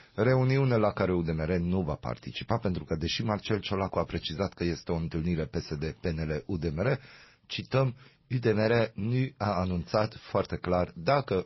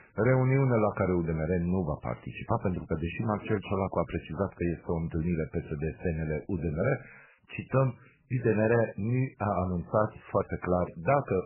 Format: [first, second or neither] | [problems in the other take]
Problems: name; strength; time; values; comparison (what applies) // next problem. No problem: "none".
first | garbled, watery; badly; nothing above 2.5 kHz; slightly in the first